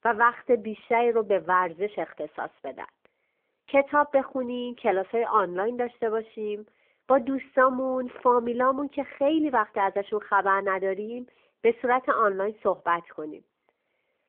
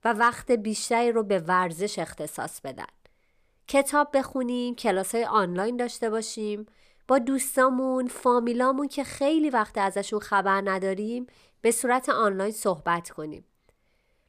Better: second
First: phone-call audio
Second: none

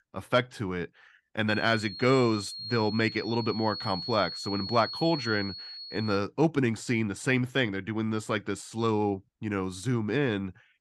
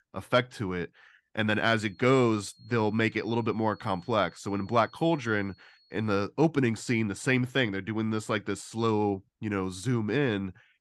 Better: second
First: high-pitched whine; loud; from 1.5 to 6 s; 4.5 kHz, 8 dB below the speech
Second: high-pitched whine; faint; from 1.5 to 6 s; 4.5 kHz, 30 dB below the speech

